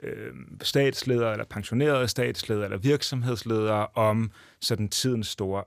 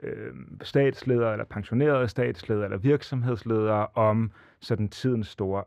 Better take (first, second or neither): first